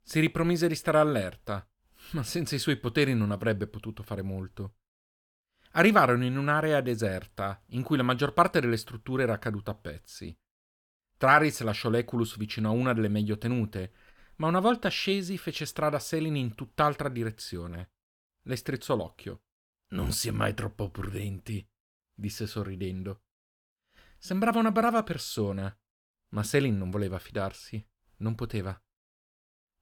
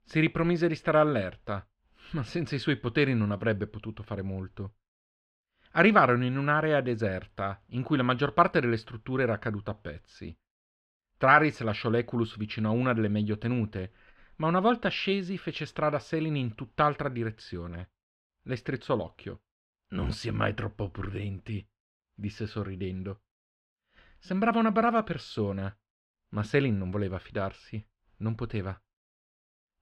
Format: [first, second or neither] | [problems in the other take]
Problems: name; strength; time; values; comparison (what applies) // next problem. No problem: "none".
first | muffled; slightly; fading above 3 kHz